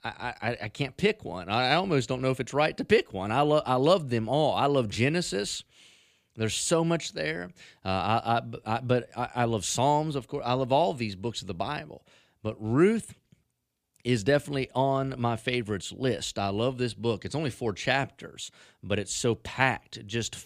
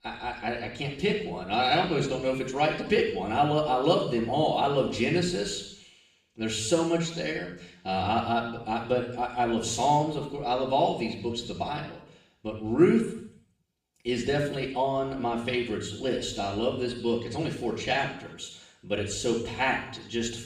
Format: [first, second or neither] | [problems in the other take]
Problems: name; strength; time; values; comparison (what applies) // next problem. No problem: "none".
first | room echo; noticeable; dies away in 0.7 s // off-mic speech; far